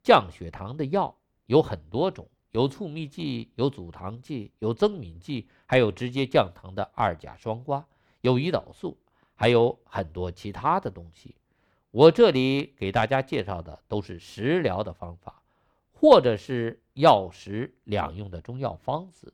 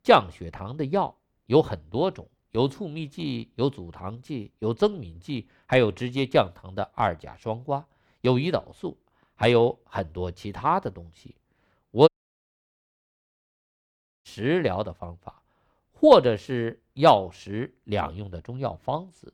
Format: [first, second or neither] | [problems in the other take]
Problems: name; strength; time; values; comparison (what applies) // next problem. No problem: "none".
first | audio cutting out; at 12 s for 2 s